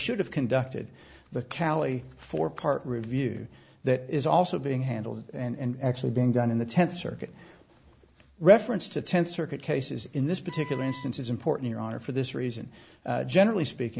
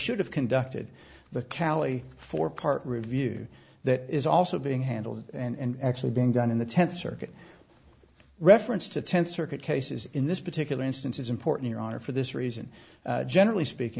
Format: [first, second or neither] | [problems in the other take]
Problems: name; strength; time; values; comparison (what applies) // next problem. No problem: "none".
second | background sound (Wind instrument, woodwind instrument); 18 dB below the speech